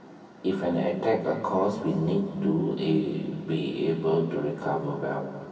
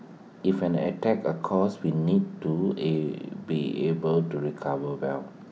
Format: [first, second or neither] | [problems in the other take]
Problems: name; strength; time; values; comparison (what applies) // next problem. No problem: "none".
second | room echo; dies away in 2.5 s